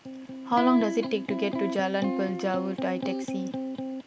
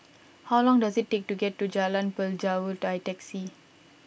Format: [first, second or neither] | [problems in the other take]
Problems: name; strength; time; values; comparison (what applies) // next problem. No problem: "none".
second | background sound (Electric guitar); 3 dB below the speech